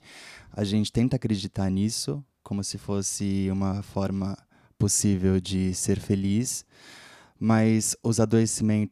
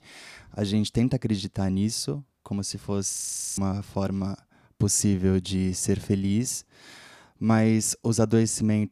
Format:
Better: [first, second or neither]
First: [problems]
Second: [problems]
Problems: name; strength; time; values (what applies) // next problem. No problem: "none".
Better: first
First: none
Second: audio freezing; at 3 s